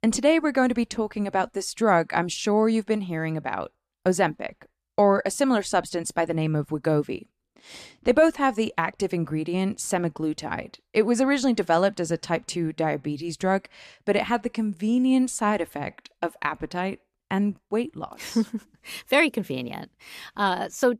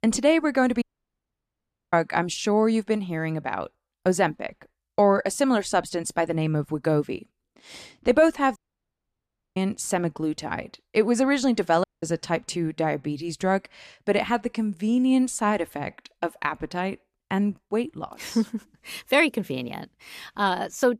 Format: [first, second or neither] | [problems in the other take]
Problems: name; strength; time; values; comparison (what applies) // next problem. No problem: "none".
first | audio cutting out; at 1 s for 1 s, at 8.5 s for 1 s and at 12 s